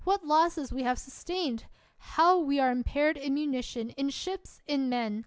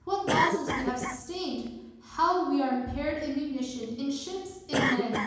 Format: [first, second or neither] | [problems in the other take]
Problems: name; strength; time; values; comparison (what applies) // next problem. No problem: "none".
first | background sound (Cough); 4 dB below the speech // room echo; dies away in 1 s